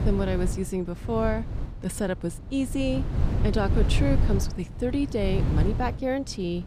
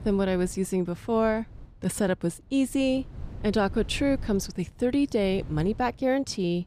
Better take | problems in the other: second | wind noise on the microphone; heavy; 9 dB below the speech; occasional gusts in the second

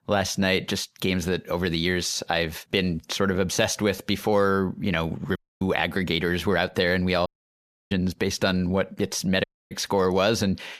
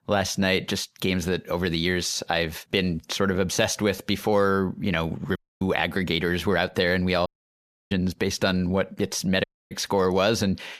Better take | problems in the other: neither | audio cutting out; at 5.5 s, at 7.5 s for 0.5 s and at 9.5 s; the same in both

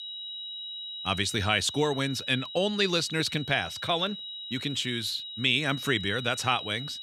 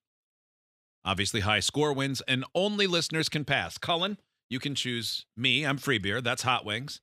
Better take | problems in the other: second | high-pitched whine; loud; throughout; 4 kHz, 9 dB below the speech

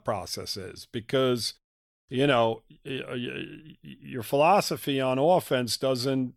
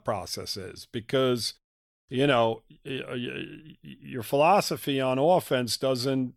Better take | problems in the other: neither | none

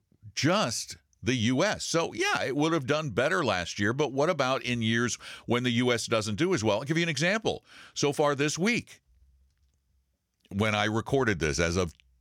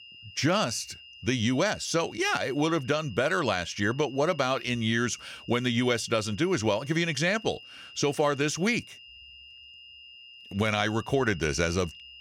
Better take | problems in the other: first | high-pitched whine; noticeable; throughout; 3 kHz, 20 dB below the speech

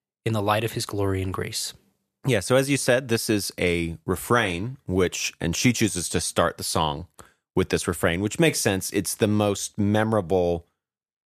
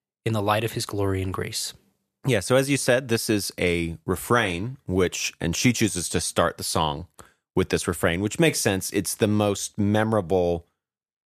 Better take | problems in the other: neither | none

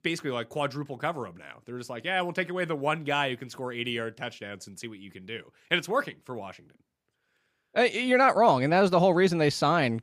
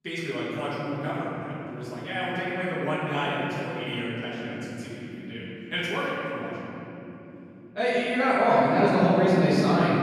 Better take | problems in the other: first | off-mic speech; far // room echo; strong; dies away in 3 s

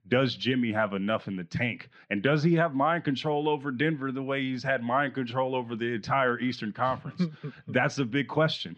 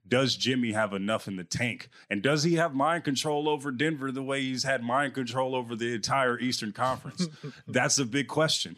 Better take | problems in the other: second | muffled; slightly; fading above 3 kHz

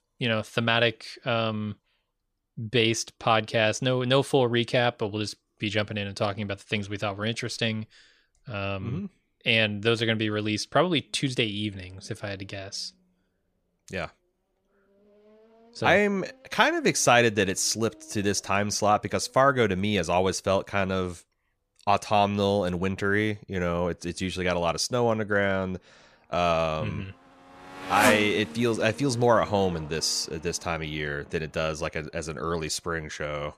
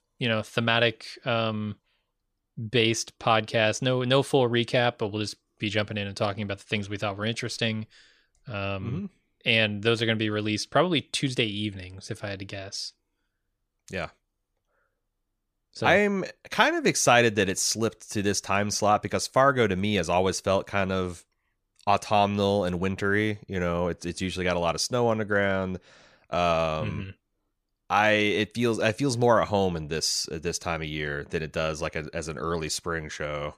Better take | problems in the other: second | traffic noise; loud; from 11 s on; 8 dB below the speech

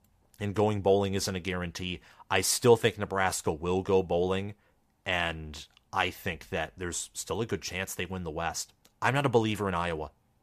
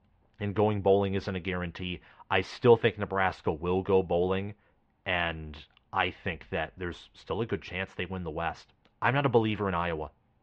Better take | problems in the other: first | muffled; very; fading above 3.5 kHz

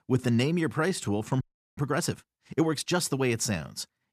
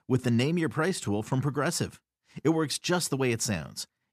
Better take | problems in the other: second | audio freezing; at 1.5 s

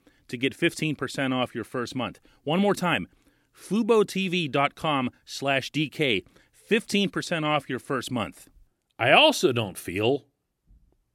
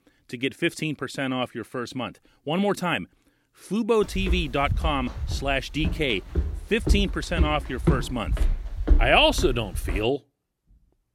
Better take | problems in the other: first | footsteps; loud; from 4 to 10 s; peak 1 dB above the speech

